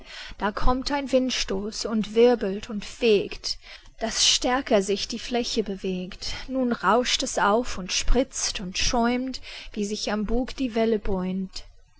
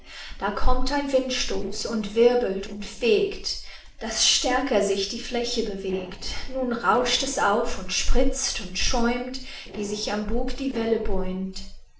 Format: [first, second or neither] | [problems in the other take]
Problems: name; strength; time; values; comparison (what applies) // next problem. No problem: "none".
first | noise reduction (neural separator model SepFormer DNS4)